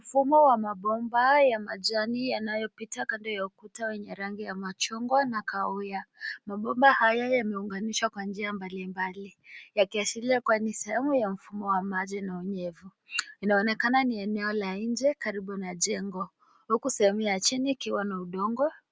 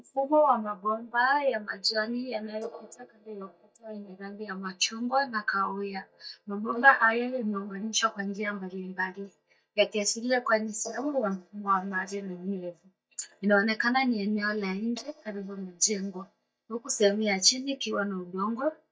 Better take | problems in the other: first | noise reduction (neural mask model DeepFilterNet 3)

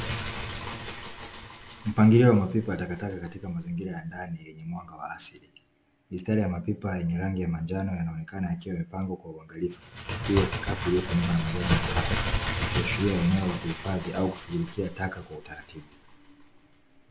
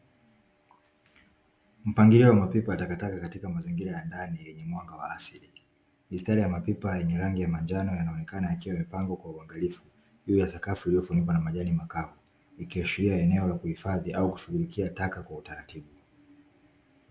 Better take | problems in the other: second | background sound (Bird); 6 dB below the speech

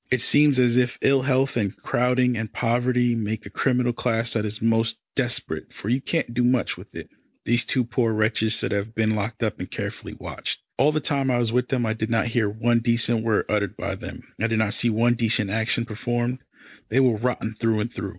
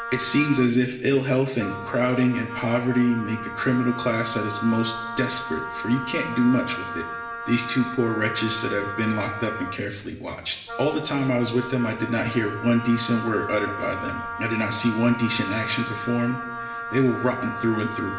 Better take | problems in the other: first | background sound (Wind instrument, woodwind instrument); 9 dB below the speech // room echo; dies away in 1.2 s

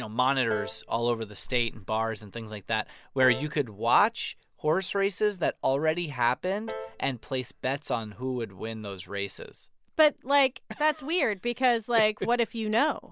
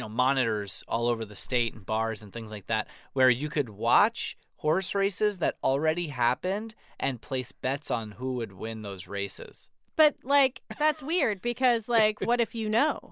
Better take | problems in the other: second | background sound (Piano); 17 dB below the speech

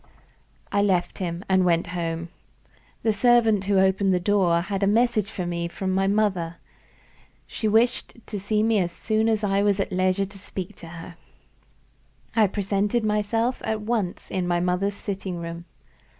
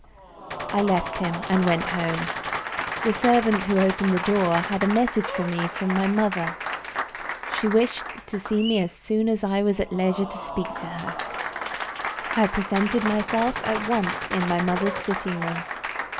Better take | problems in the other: first | background sound (Applause + Gunshot, gunfire); 6 dB below the speech

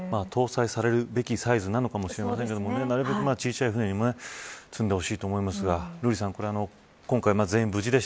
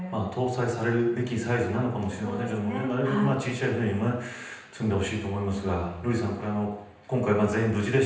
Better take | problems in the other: first | room echo; dies away in 0.9 s

